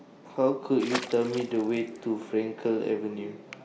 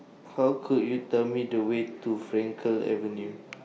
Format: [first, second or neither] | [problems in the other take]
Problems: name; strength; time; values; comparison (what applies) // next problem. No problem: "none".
second | background sound (Water / Splash, splatter); 10 dB below the speech